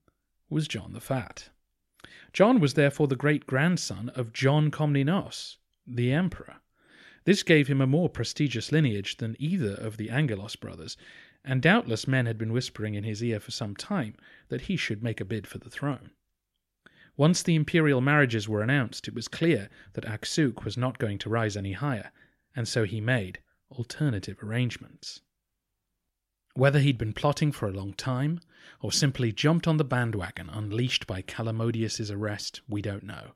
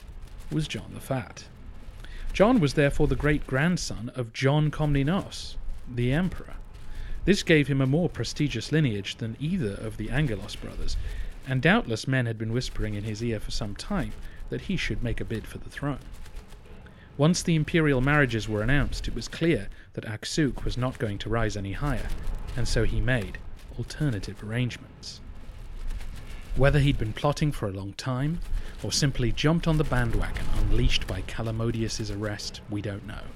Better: first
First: none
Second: wind noise on the microphone; occasional gusts; 20 dB below the speech

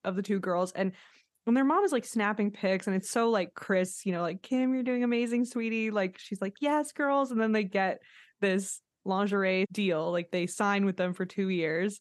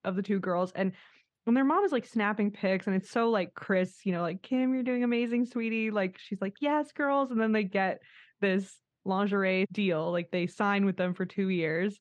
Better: first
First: none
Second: muffled; very slightly; fading above 3.5 kHz

